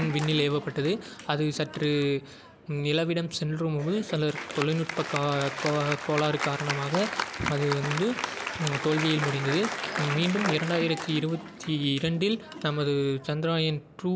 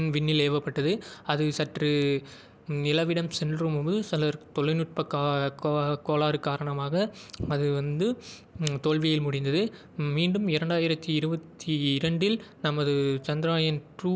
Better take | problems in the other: second | background sound (Applause); 8 dB below the speech

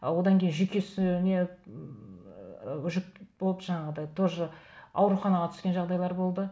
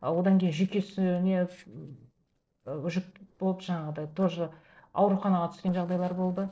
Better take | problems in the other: first | noise reduction (neural separator model SepFormer DNS4)

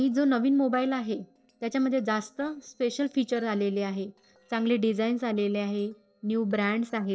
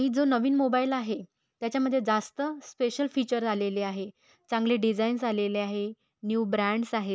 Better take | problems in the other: second | noise reduction (neural separator model SepFormer DNS4)

